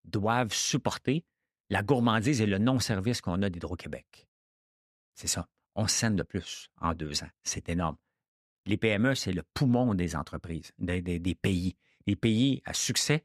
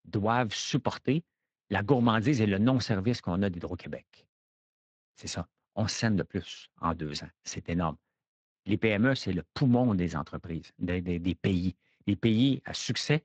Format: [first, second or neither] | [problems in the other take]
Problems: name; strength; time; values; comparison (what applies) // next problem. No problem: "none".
first | garbled, watery; slightly